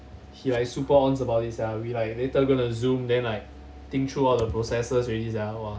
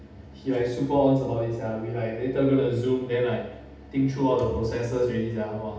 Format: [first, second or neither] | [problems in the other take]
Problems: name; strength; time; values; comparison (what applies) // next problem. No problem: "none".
first | room echo; dies away in 0.8 s